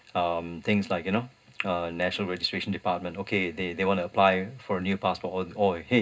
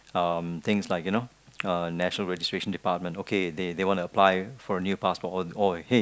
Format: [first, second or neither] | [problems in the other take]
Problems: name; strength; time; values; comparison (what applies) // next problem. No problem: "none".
second | room echo; dies away in 0.2 s